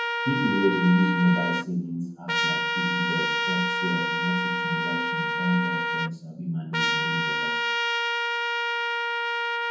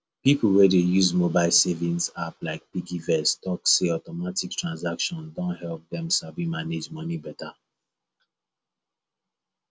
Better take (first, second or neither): second